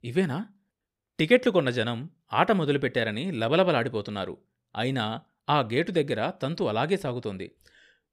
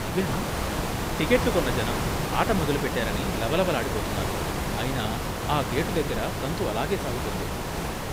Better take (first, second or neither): first